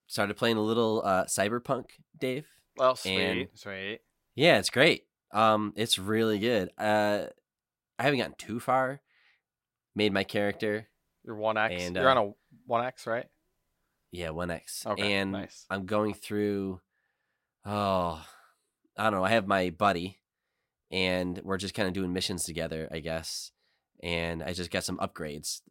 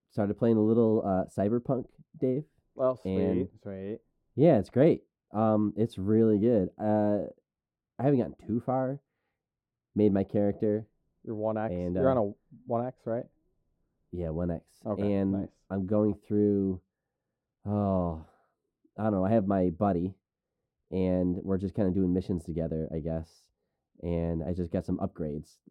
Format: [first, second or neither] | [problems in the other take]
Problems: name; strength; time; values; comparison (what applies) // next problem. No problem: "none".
first | muffled; very; fading above 1 kHz